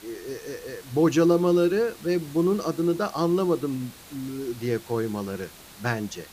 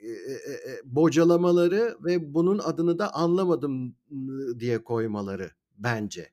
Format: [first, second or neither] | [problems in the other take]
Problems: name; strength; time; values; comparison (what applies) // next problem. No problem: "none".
second | hiss; noticeable; throughout; 20 dB below the speech